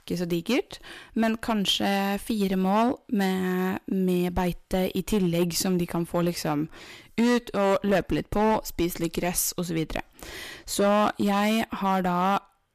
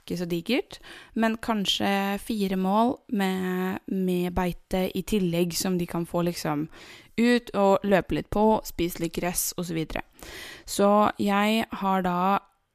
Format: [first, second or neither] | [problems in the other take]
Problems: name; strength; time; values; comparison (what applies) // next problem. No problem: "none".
second | distortion; slight; 5% of the sound clipped